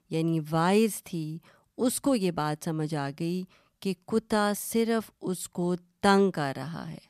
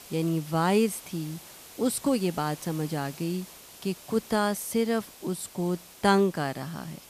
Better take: first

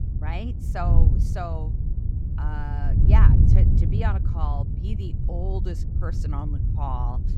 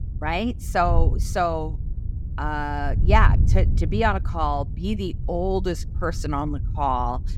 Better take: second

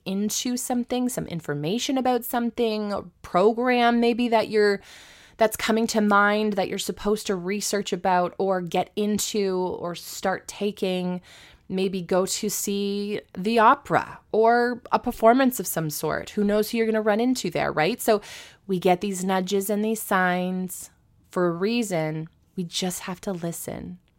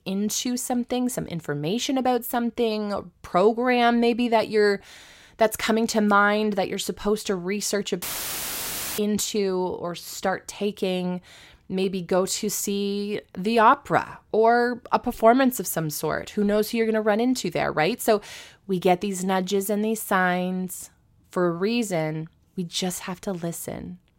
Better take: first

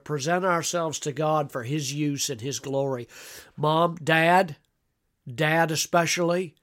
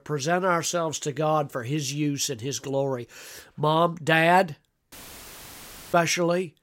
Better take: first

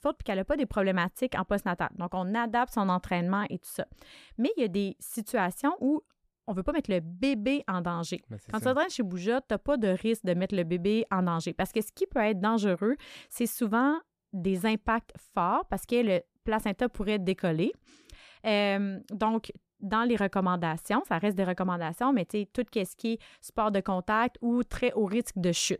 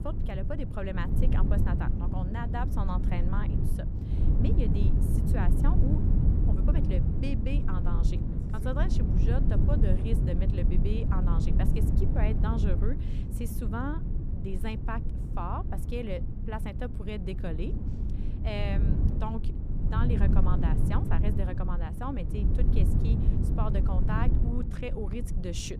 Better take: first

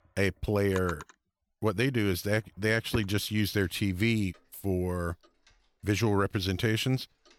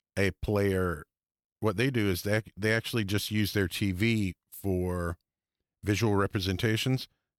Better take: second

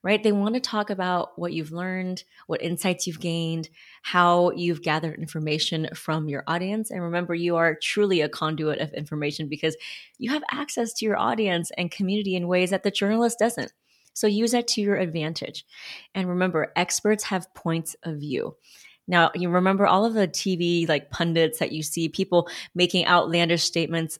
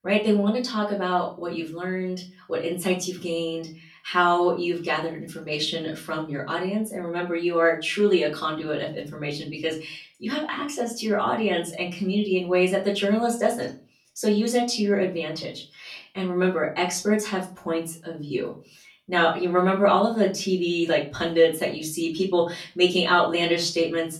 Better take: first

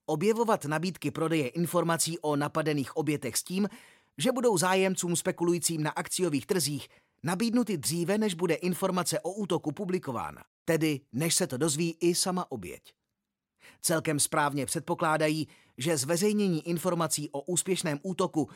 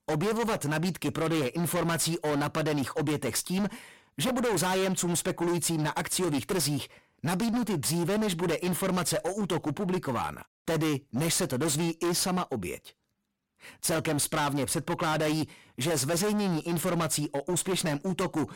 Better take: first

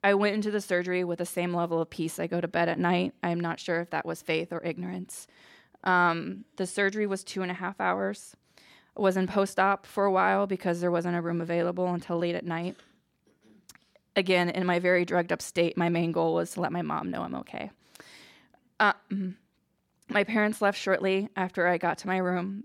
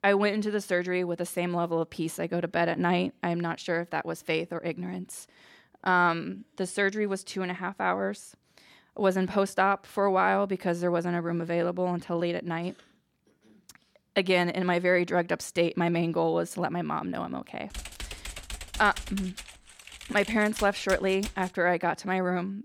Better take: first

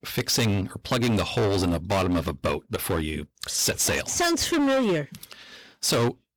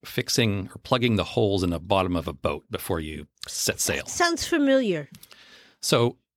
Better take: second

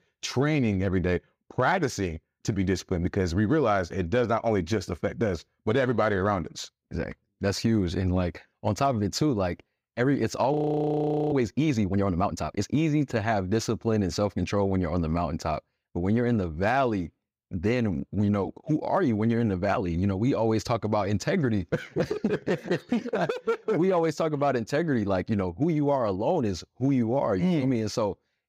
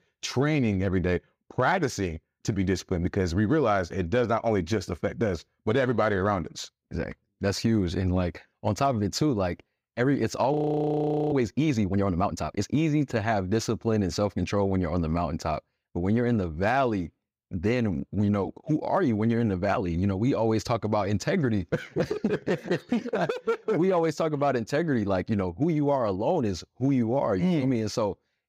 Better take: neither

